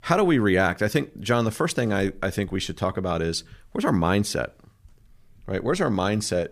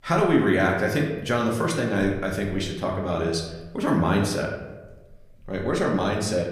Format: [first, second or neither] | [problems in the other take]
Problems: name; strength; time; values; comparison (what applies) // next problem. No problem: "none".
first | room echo; slight; dies away in 0.8 s // off-mic speech; somewhat distant